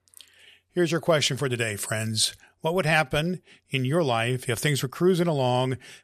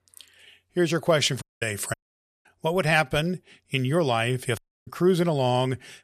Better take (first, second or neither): first